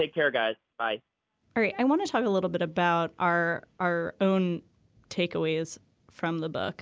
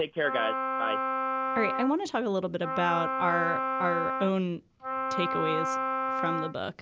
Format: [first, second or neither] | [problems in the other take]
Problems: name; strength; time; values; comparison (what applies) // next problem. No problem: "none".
first | background sound (Wind instrument, woodwind instrument); as loud as the speech